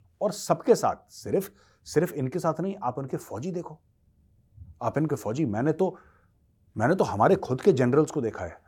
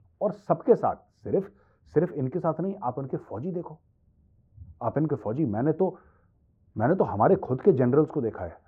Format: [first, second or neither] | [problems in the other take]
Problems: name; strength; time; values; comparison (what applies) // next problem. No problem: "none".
first | muffled; very; fading above 3.5 kHz